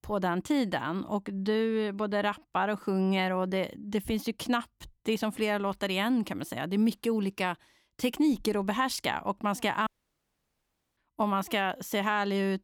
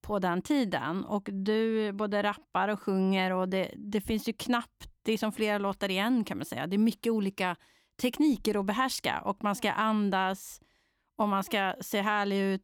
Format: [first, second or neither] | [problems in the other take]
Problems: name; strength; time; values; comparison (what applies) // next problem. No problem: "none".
second | audio cutting out; at 10 s for 1 s